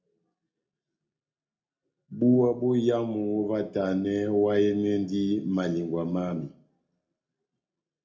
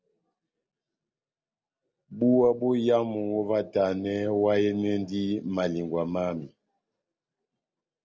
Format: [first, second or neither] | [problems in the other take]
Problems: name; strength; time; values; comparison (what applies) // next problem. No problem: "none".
second | room echo; dies away in 0.4 s